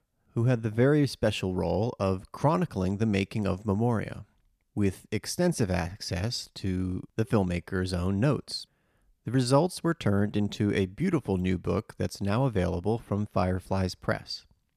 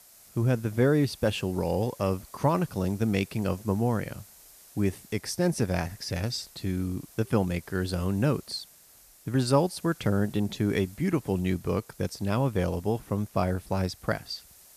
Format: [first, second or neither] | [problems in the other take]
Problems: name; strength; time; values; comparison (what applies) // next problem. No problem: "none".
first | hiss; faint; throughout; 20 dB below the speech